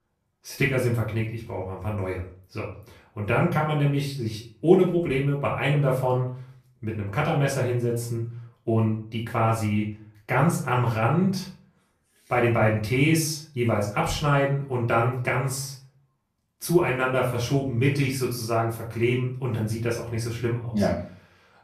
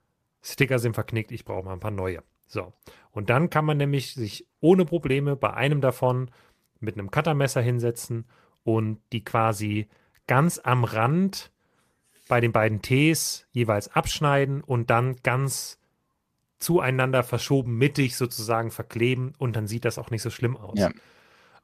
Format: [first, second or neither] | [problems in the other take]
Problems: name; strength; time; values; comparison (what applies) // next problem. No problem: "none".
second | off-mic speech; far // room echo; slight; dies away in 0.4 s